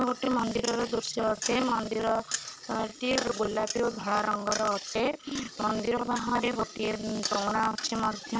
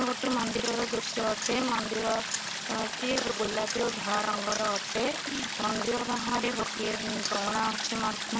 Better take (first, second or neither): first